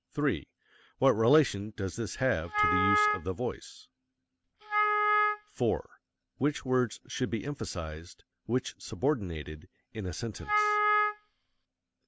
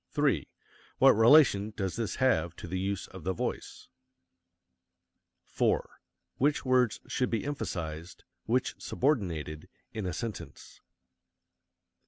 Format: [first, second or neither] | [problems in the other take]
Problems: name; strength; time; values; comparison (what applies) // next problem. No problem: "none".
second | background sound (Wind instrument, woodwind instrument); 3 dB above the speech